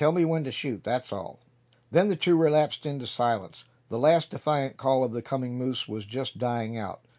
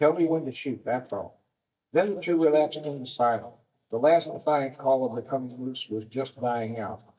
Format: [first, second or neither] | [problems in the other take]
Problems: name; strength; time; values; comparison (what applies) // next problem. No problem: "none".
first | noise reduction (neural mask model DeepFilterNet 3)